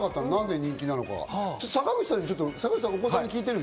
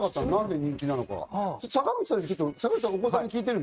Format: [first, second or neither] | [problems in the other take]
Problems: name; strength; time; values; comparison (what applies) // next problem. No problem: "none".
first | noise reduction (neural mask model RNNoise)